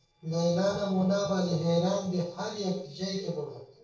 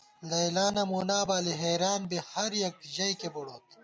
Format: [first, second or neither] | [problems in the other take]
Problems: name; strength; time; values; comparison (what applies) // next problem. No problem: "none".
second | noise reduction (neural separator model SepFormer DNS4)